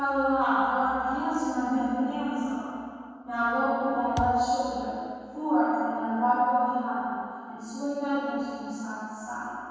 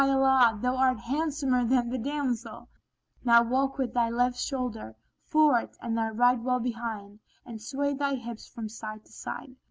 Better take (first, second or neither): second